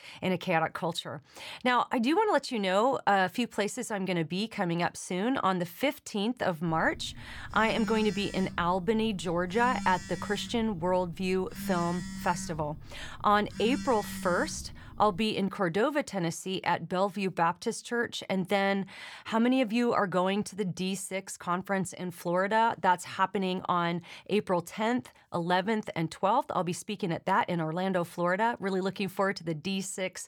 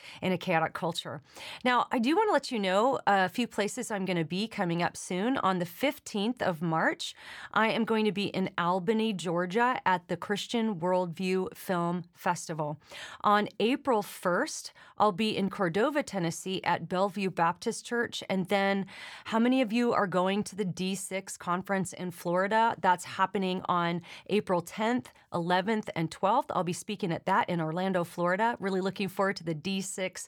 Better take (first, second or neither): second